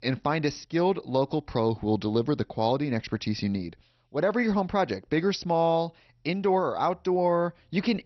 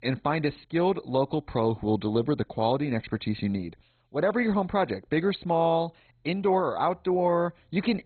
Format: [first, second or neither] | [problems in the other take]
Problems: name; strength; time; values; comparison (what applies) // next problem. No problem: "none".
first | garbled, watery; badly; nothing above 4 kHz; slightly in the first